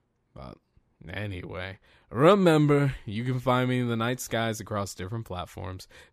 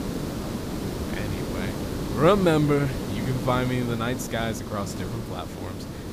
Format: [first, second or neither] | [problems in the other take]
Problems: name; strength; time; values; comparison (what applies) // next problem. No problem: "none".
first | hiss; loud; throughout; 6 dB below the speech